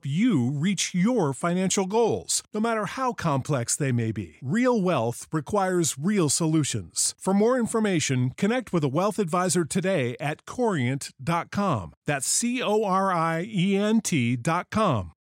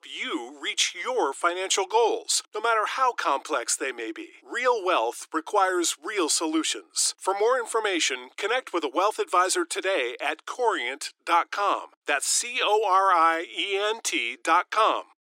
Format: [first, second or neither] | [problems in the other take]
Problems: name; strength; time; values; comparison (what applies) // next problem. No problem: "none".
first | thin; very; fading below 300 Hz